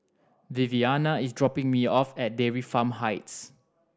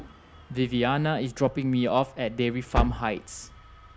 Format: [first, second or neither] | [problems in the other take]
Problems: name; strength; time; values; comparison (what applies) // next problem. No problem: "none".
first | background sound (Engine starting); 8 dB below the speech